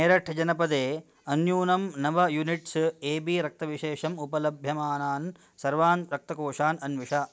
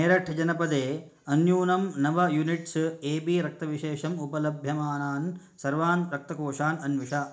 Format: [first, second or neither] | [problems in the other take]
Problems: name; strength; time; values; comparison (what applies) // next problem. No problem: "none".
first | room echo; dies away in 0.4 s